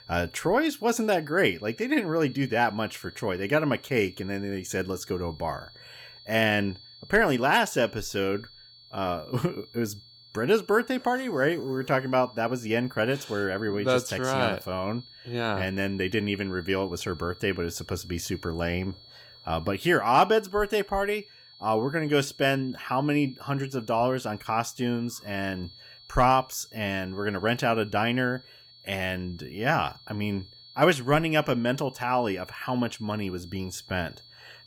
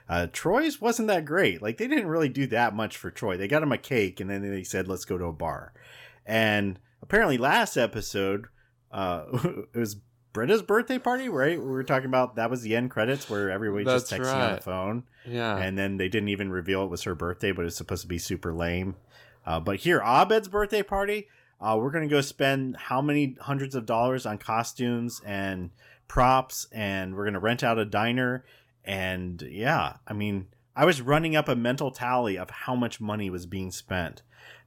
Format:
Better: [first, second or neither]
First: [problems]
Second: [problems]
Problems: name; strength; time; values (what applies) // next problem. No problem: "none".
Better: second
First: high-pitched whine; faint; throughout; 4.5 kHz, 20 dB below the speech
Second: none